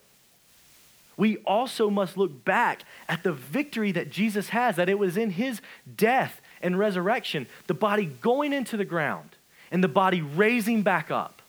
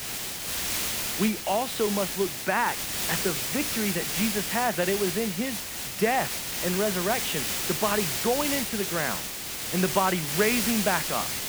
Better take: first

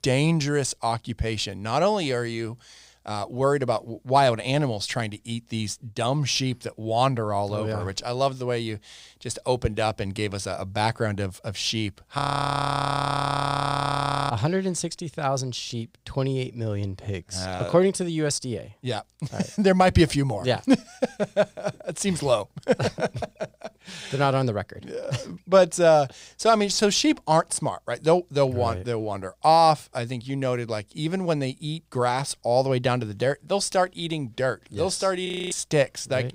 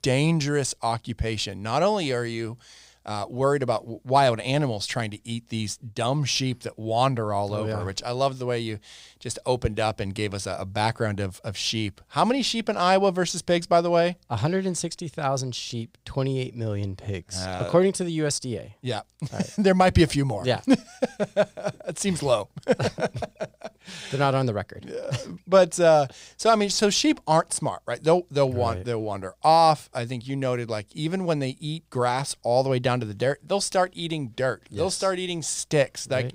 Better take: second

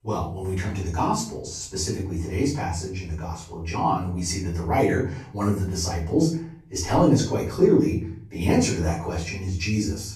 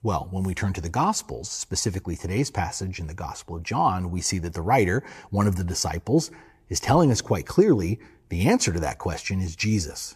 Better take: second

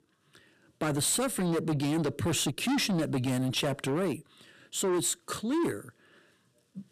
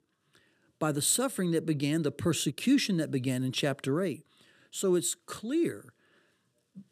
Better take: second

